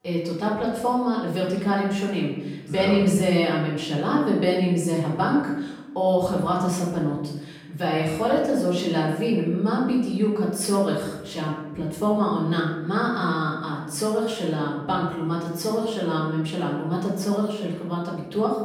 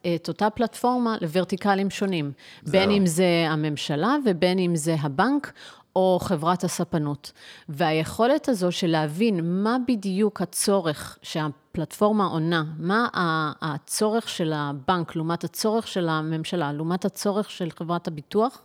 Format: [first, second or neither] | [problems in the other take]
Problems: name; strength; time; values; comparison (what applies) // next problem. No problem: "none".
second | off-mic speech; far // room echo; noticeable; dies away in 0.9 s